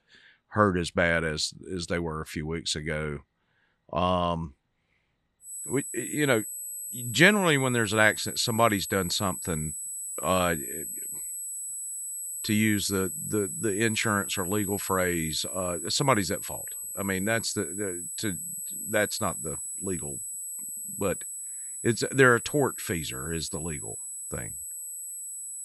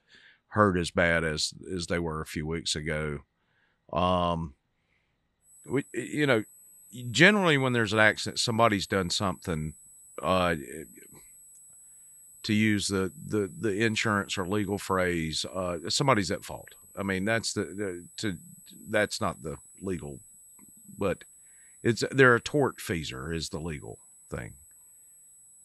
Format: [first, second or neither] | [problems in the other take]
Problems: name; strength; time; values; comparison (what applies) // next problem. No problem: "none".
second | high-pitched whine; loud; from 5.5 s on; 8 kHz, 6 dB below the speech; faint in the second